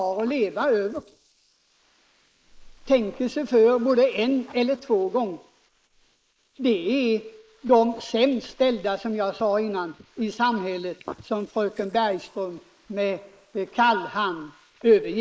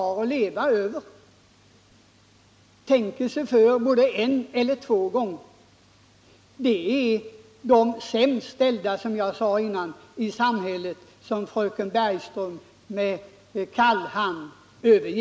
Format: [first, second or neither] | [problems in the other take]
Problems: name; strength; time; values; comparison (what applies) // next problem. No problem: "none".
second | noise reduction (neural mask model Resemble Enhance denoiser)